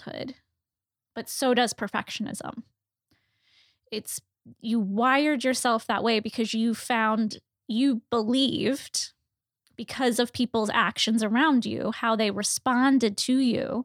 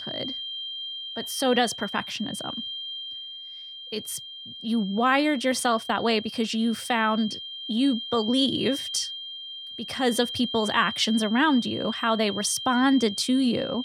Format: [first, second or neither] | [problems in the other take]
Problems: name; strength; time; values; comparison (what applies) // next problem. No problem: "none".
first | high-pitched whine; loud; throughout; 3 kHz, 9 dB below the speech